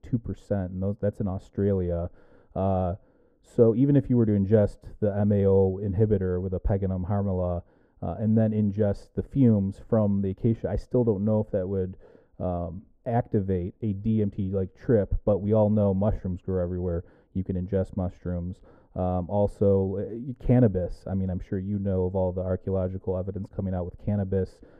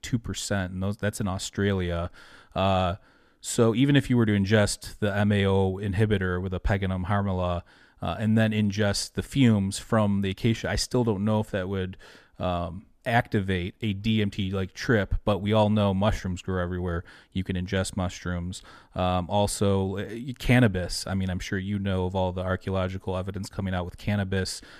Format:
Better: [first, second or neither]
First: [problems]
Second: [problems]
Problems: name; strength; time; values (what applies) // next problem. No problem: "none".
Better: second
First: muffled; very; fading above 1.5 kHz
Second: none